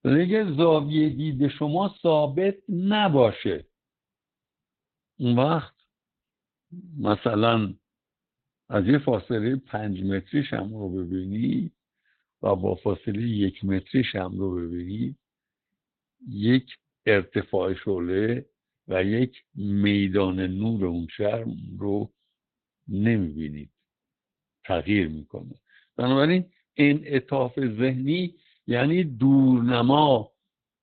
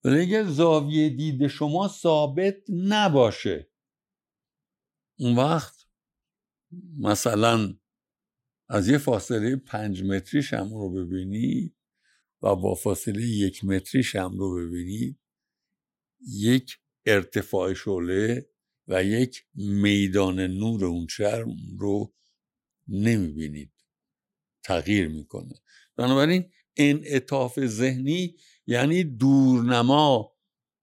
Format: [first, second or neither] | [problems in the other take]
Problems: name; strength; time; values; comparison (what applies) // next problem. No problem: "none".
second | garbled, watery; badly; nothing above 4 kHz